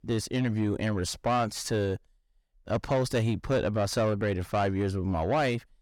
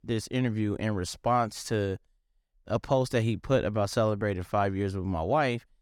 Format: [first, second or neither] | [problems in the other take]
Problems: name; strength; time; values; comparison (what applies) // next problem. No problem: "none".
second | distortion; slight; 10 dB below the speech